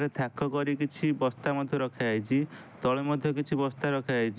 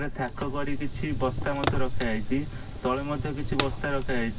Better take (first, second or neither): first